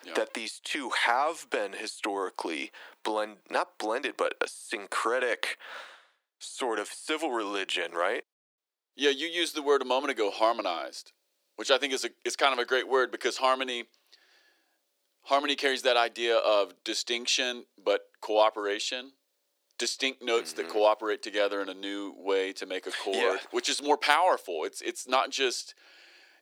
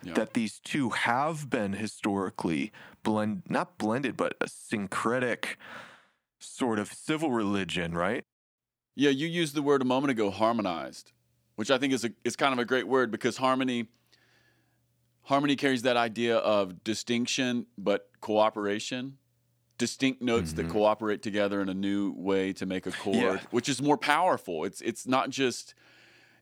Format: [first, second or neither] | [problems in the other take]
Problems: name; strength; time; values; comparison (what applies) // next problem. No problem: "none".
second | thin; somewhat; fading below 350 Hz